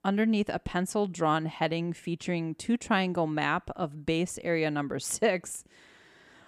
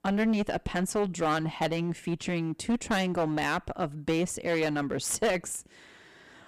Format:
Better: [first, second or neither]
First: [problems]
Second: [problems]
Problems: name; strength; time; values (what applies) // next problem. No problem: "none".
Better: first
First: none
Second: distortion; heavy; 11% of the sound clipped